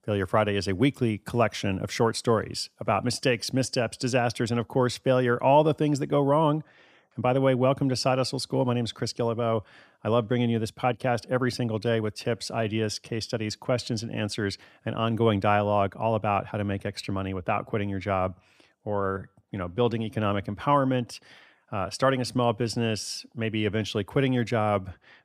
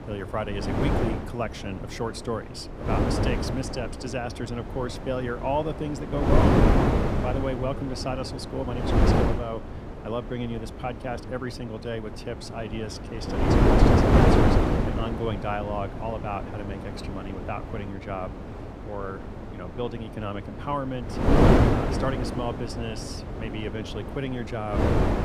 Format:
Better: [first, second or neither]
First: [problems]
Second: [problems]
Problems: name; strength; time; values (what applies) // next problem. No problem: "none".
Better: first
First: none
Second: wind noise on the microphone; heavy; 4 dB above the speech